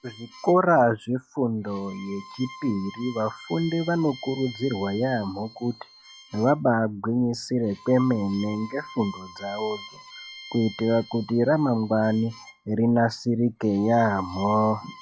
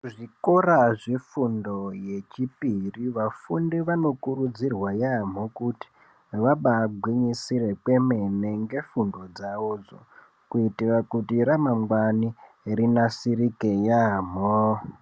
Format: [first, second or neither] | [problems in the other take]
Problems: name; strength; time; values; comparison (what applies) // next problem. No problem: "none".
second | noise reduction (classical method log-MMSE)